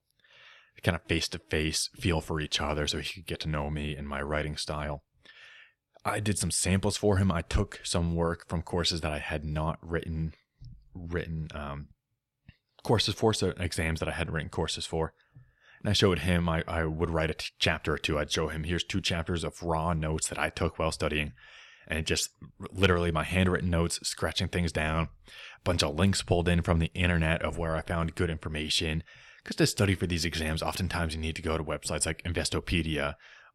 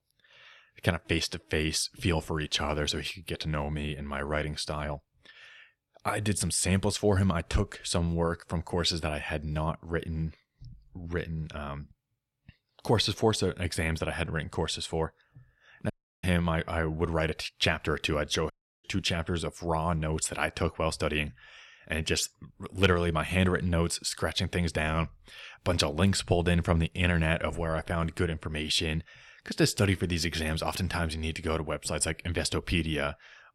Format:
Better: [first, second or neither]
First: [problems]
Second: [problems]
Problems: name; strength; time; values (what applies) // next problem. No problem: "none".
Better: first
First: none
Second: audio cutting out; at 16 s and at 19 s